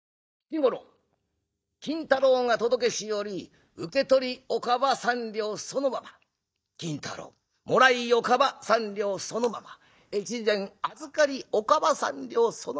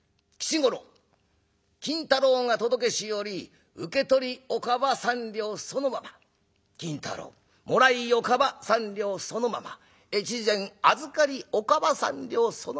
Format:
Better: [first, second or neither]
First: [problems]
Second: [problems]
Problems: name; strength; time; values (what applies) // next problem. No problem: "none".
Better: second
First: noise reduction (neural mask model DeepFilterNet 3)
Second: none